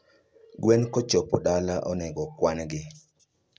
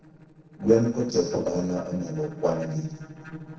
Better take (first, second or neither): first